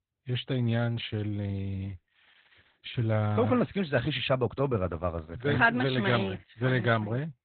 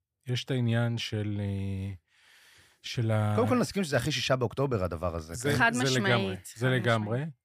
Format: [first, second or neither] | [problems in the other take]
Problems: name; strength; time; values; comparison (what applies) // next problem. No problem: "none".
second | garbled, watery; badly; nothing above 4 kHz